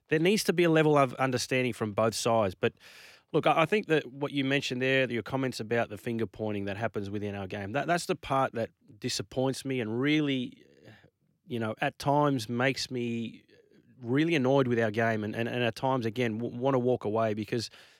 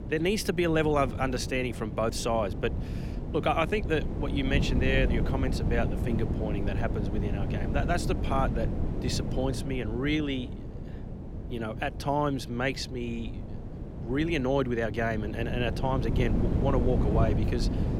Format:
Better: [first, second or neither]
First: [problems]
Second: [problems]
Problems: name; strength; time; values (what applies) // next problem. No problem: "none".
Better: first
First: none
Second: wind noise on the microphone; heavy; 10 dB below the speech